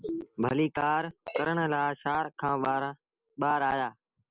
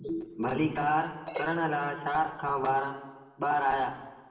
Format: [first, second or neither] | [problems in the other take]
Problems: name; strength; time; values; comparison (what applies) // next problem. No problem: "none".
first | room echo; dies away in 1.1 s